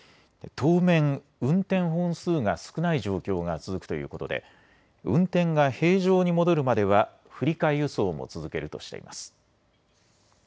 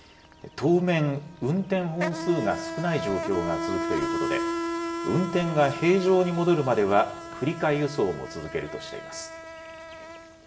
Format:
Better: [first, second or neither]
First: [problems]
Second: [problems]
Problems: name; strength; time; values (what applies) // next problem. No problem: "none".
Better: first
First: none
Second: background sound (Insect); 7 dB below the speech // room echo; dies away in 1 s